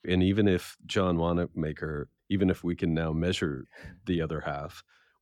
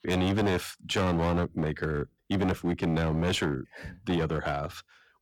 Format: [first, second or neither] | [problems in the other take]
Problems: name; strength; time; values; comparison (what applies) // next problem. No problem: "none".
first | distortion; heavy; 15% of the sound clipped